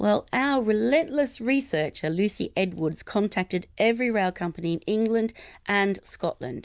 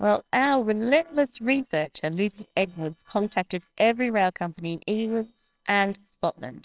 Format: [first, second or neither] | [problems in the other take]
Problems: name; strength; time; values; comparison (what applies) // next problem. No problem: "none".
first | noise reduction (neural separator model SepFormer WHAMR!)